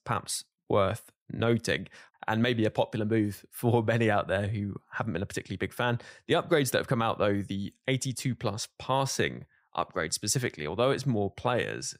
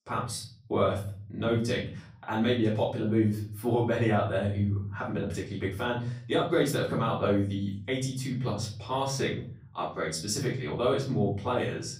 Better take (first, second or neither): first